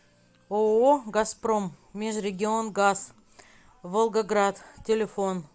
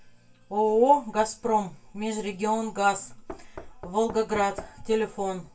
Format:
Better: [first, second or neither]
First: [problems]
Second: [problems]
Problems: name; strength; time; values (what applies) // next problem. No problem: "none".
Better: first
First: none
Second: background sound (Knock); 18 dB below the speech // room echo; dies away in 0.2 s